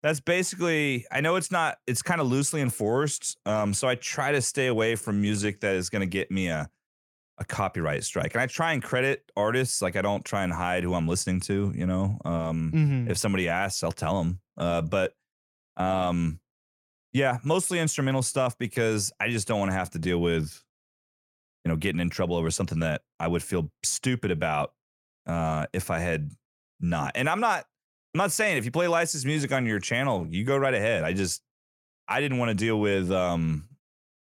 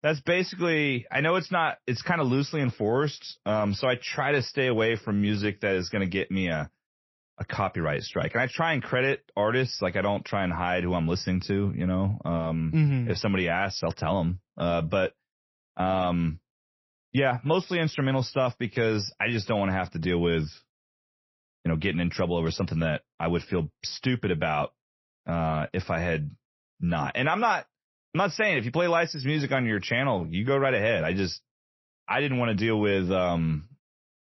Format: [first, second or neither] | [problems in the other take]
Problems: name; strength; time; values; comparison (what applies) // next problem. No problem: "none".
first | garbled, watery; slightly; nothing above 5.5 kHz